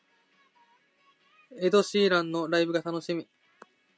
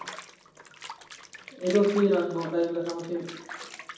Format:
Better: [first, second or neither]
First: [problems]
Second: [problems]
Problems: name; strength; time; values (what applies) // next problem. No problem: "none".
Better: first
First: none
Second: background sound (Bathtub (filling or washing) / Water); 14 dB below the speech // room echo; dies away in 1.2 s